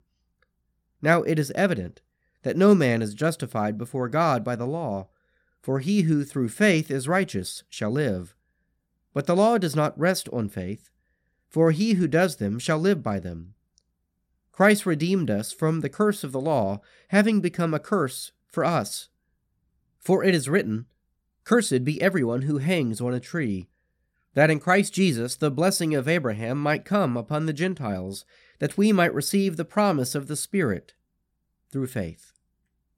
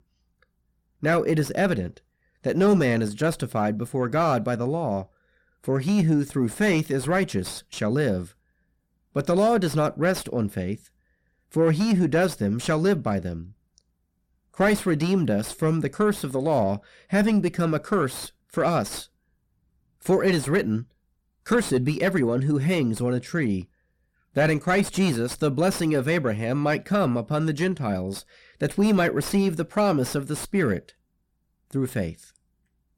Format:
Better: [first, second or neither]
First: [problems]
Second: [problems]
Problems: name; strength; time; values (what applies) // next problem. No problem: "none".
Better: first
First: none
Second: distortion; slight; 9 dB below the speech